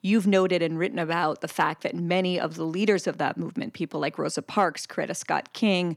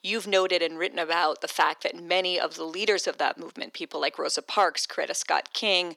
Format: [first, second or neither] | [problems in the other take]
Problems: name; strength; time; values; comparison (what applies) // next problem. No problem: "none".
first | thin; very; fading below 400 Hz